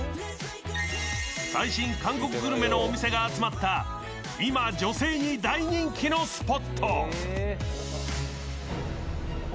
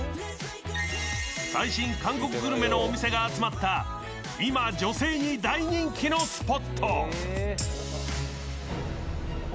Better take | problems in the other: first | background sound (Tambourine); 14 dB below the speech

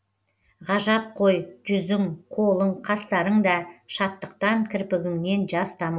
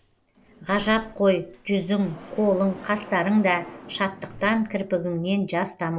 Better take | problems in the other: first | background sound (Sliding door); 19 dB below the speech

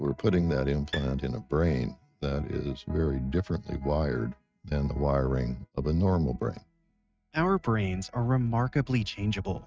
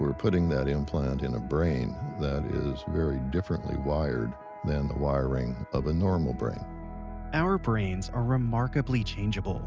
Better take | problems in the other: second | noise reduction (neural mask model RNNoise)

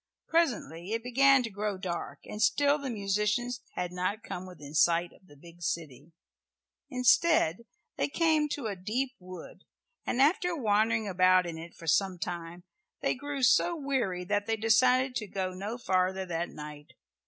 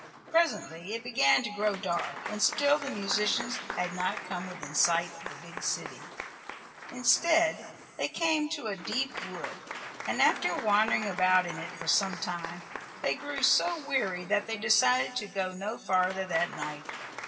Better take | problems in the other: first | background sound (Applause / Crowd); 11 dB below the speech // room echo; dies away in 2.1 s

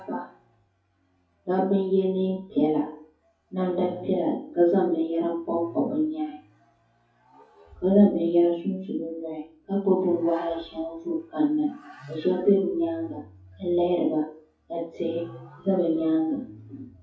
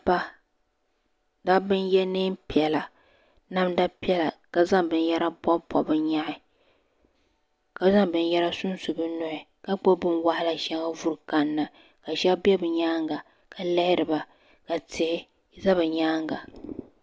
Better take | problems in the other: second | noise reduction (classical method WPE with log-MMSE)

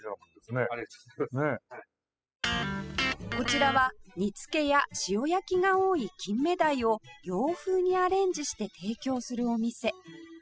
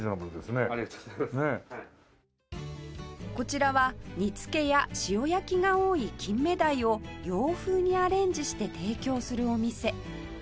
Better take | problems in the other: second | noise reduction (classical method spectral subtraction)

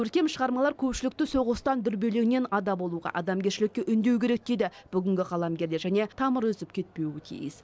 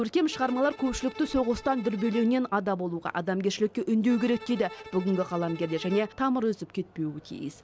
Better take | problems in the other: first | background sound (Bowed string instrument); 18 dB below the speech

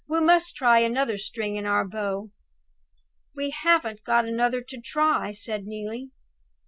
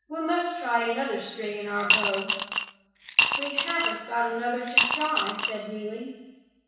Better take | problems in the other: first | background sound (Coin (dropping) / Glass); 3 dB above the speech // room echo; dies away in 1.1 s

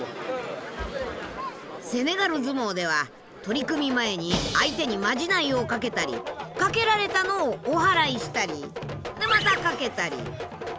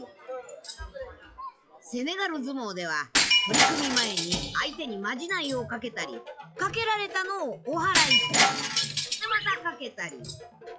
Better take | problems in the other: first | noise reduction (classical method log-MMSE)

